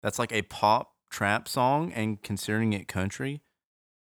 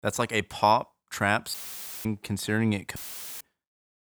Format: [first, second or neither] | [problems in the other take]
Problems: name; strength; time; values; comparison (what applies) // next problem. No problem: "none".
first | audio cutting out; filled with static; at 1.5 s for 0.5 s and at 3 s